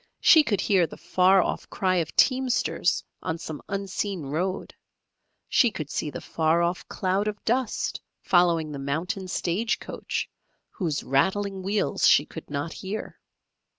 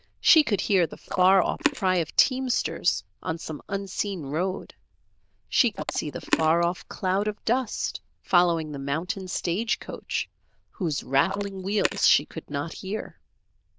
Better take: first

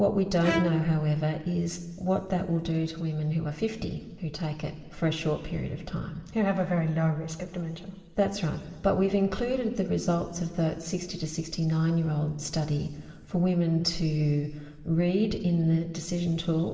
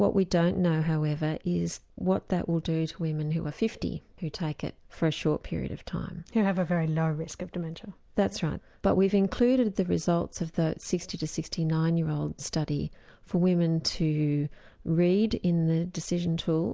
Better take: second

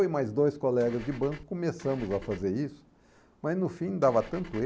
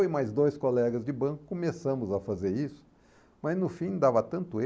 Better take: second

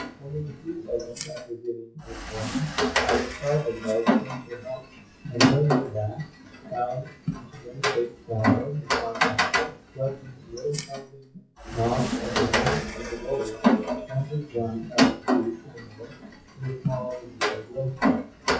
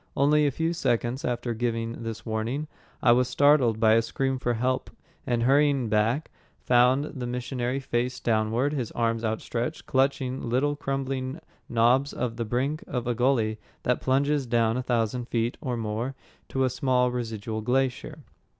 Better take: second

